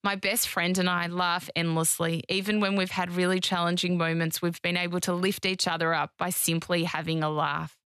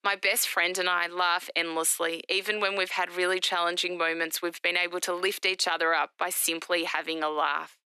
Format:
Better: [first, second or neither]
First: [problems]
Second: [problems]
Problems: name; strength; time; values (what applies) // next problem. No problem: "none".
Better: first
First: none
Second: thin; very; fading below 300 Hz